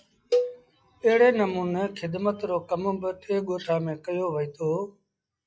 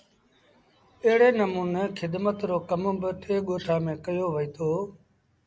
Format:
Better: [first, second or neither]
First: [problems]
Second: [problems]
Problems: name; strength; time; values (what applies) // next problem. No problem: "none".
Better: second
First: noise reduction (classical method log-MMSE)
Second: none